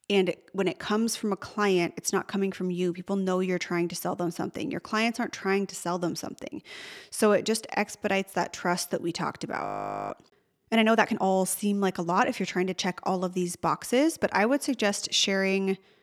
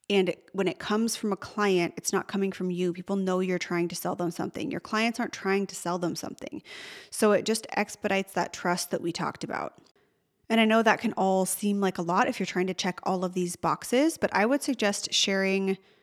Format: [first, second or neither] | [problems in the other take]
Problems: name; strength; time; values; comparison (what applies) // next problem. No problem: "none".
second | audio freezing; at 9.5 s